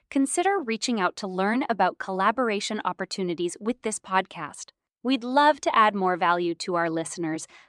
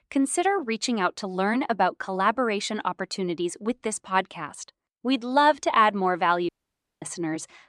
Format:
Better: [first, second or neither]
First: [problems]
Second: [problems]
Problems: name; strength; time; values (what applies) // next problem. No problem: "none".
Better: first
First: none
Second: audio cutting out; at 6.5 s for 0.5 s